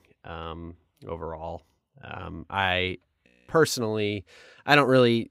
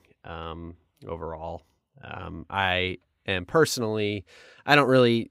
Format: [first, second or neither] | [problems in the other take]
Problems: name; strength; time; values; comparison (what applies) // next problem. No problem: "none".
second | audio freezing; at 3.5 s